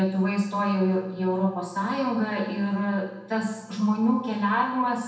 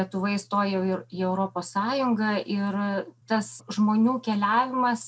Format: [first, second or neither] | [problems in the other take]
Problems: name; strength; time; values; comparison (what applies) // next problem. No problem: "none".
second | room echo; dies away in 0.9 s